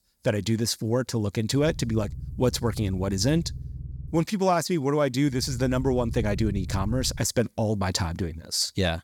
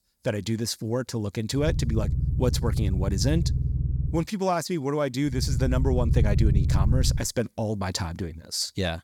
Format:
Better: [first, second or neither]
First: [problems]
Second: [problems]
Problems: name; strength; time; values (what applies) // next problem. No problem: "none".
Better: first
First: low rumble; faint; from 1.5 to 4 s and from 5.5 to 7 s; 25 dB below the speech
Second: low rumble; loud; from 1.5 to 4 s and from 5.5 to 7 s; 10 dB below the speech